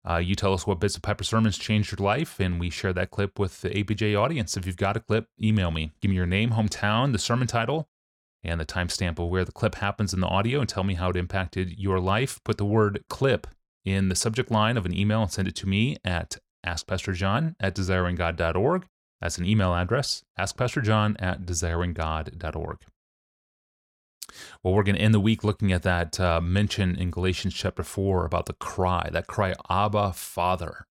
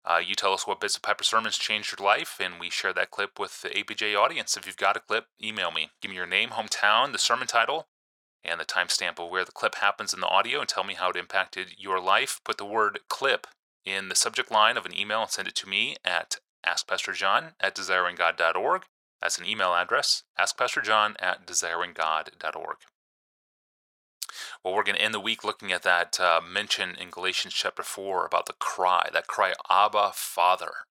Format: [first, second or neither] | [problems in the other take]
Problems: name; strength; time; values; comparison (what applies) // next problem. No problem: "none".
first | thin; very; fading below 850 Hz